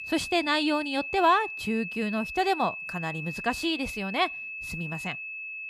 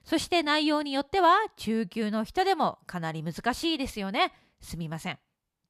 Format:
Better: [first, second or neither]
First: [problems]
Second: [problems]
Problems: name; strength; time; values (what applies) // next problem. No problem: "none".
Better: second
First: high-pitched whine; loud; throughout; 2.5 kHz, 7 dB below the speech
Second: none